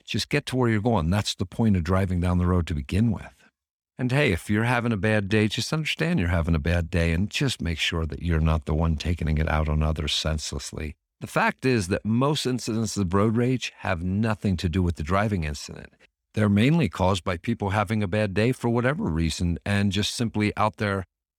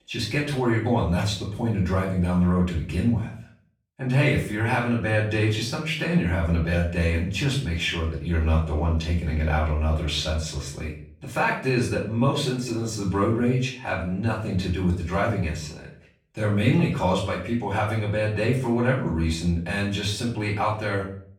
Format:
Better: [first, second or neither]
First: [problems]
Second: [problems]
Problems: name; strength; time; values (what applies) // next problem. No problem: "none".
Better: first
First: none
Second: room echo; noticeable; dies away in 0.4 s // off-mic speech; far